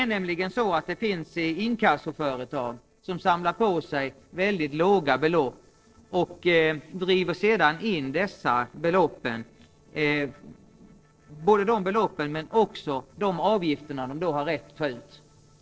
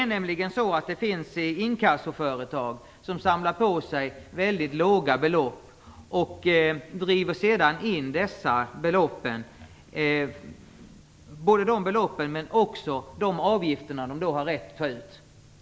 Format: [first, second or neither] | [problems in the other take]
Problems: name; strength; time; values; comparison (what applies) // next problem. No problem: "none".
second | noise reduction (neural separator model SepFormer DNS4)